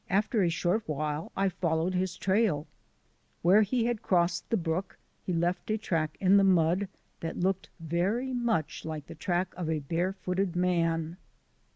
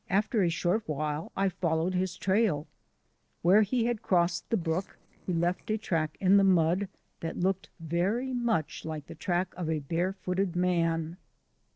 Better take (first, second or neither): first